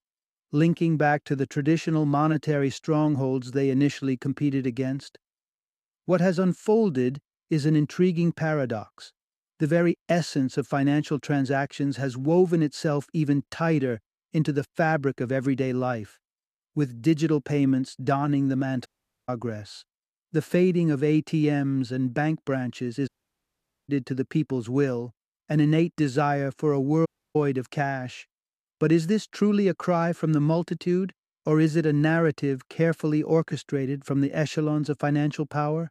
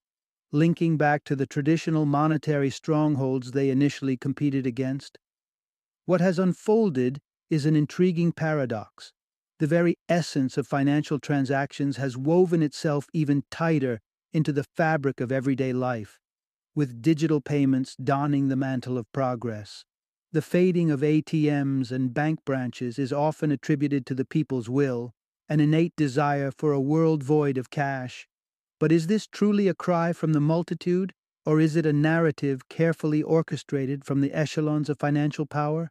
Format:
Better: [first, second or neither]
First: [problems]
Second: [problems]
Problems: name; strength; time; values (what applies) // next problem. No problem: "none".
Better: second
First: audio cutting out; at 19 s, at 23 s for 1 s and at 27 s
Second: none